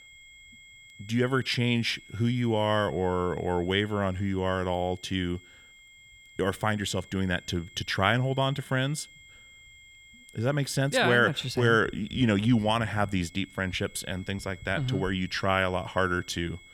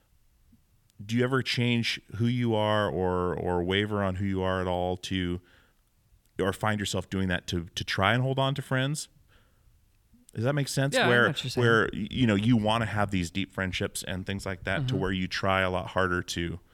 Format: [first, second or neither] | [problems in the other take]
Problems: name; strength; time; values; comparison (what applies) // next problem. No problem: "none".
second | high-pitched whine; faint; throughout; 2 kHz, 25 dB below the speech